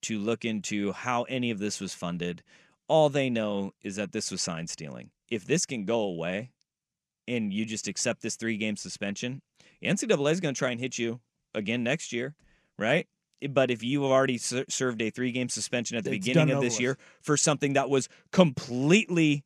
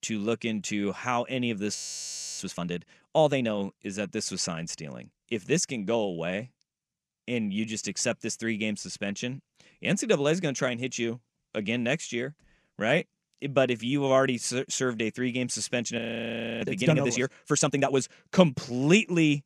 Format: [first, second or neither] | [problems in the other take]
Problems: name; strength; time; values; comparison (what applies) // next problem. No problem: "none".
first | audio freezing; at 2 s for 0.5 s and at 16 s for 0.5 s